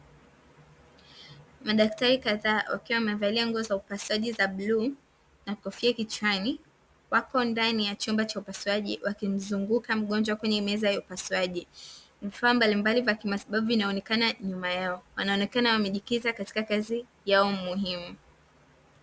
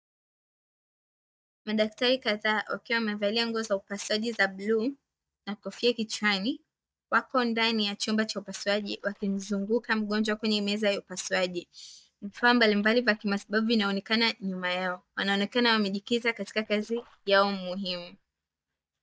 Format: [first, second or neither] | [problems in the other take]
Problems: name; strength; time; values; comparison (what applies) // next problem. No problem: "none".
first | noise reduction (neural mask model DeepFilterNet 3)